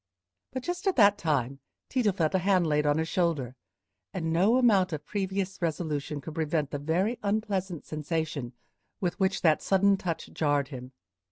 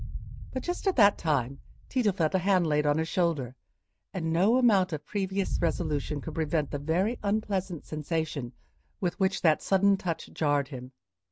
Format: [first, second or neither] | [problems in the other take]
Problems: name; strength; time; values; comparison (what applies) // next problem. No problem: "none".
first | background sound (Boom); 12 dB below the speech